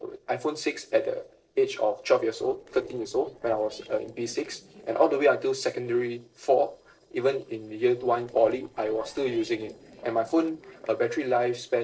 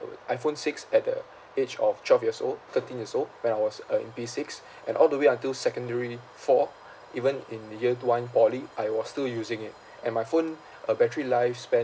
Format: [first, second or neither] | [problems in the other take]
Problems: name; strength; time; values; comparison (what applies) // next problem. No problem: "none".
second | noise reduction (neural separator model SepFormer DNS4)